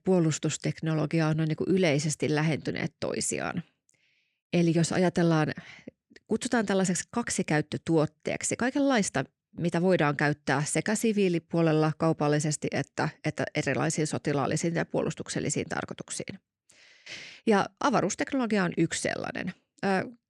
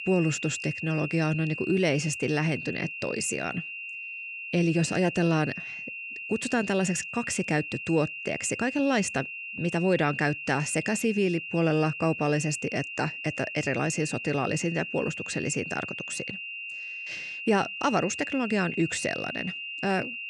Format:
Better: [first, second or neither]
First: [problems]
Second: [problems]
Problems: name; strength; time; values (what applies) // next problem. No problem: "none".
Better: first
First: none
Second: high-pitched whine; loud; throughout; 3 kHz, 7 dB below the speech